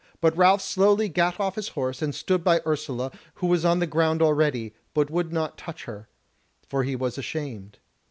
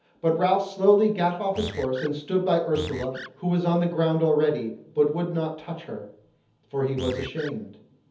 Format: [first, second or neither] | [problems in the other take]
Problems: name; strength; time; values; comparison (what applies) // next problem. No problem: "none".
first | background sound (Animal); 13 dB below the speech // room echo; dies away in 0.7 s